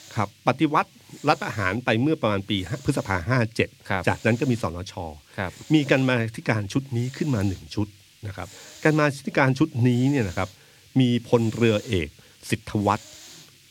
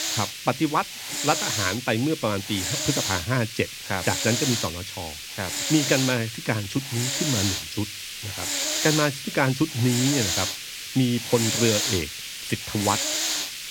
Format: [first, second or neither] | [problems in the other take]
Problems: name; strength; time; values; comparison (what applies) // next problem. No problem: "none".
first | hiss; loud; throughout; 1 dB below the speech; faint in the first